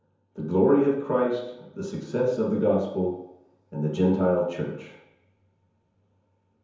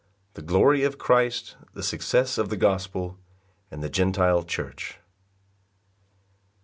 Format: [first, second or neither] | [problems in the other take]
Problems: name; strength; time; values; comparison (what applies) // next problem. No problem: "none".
second | room echo; dies away in 0.9 s